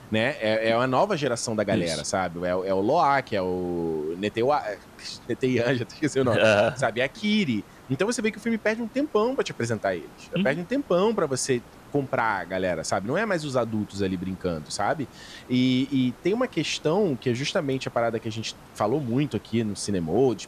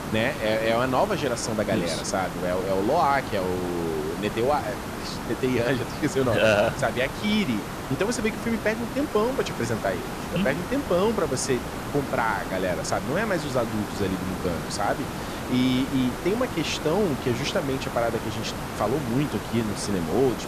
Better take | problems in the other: first | hiss; loud; throughout; 7 dB below the speech; faint in the first

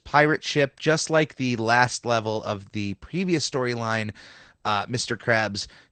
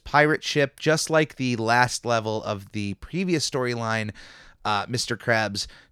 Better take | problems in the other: second | garbled, watery; slightly; nothing above 8.5 kHz

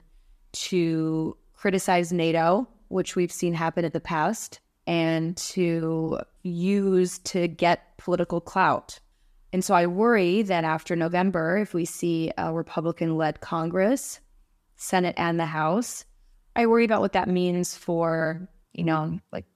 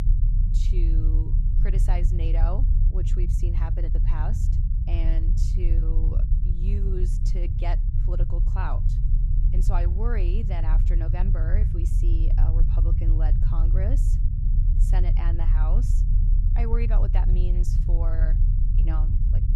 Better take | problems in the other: first | low rumble; loud; throughout; 3 dB below the speech

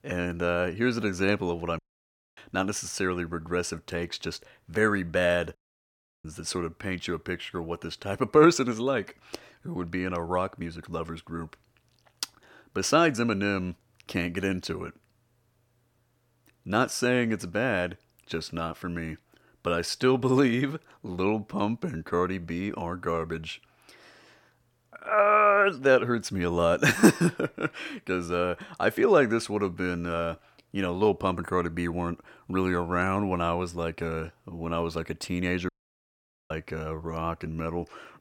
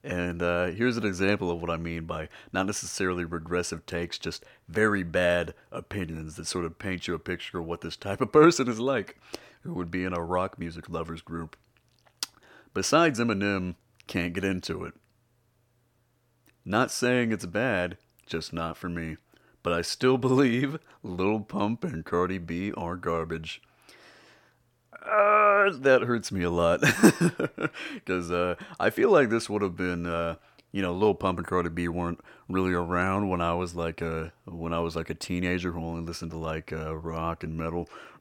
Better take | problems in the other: second | audio cutting out; at 2 s for 0.5 s, at 5.5 s for 0.5 s and at 36 s for 1 s

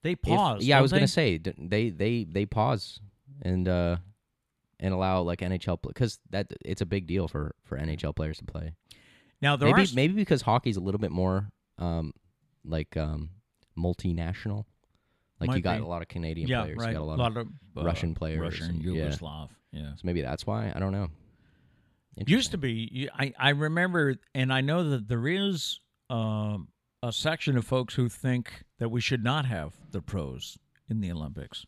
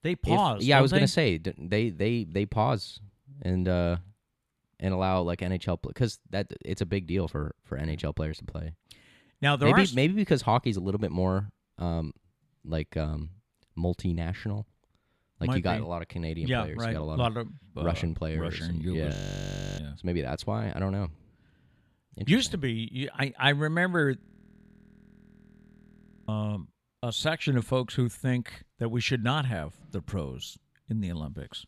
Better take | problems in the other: first | audio freezing; at 19 s for 0.5 s and at 24 s for 2 s

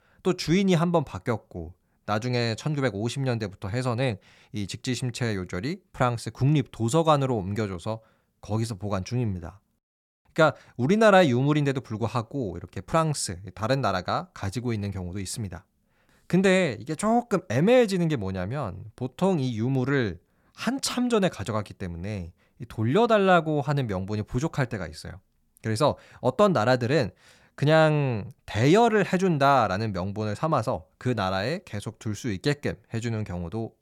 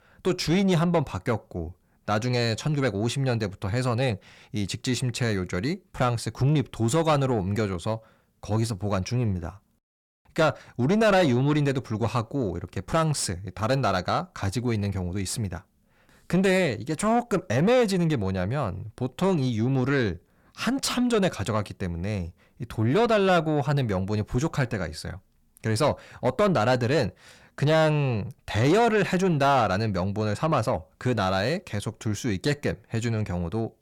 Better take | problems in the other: first | distortion; slight; 9 dB below the speech

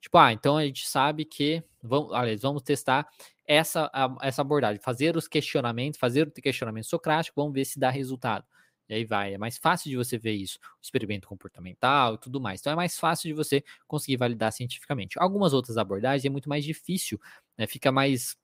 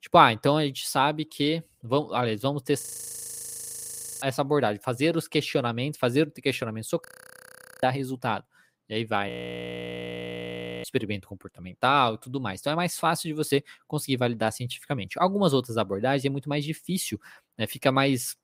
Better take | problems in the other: first | audio freezing; at 3 s for 1.5 s, at 7 s for 1 s and at 9.5 s for 1.5 s

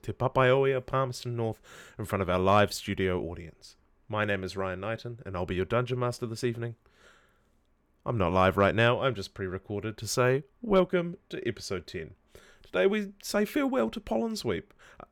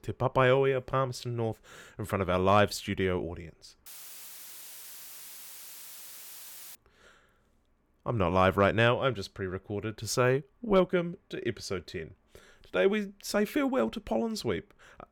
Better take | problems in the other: first | audio cutting out; filled with static; at 4 s for 3 s

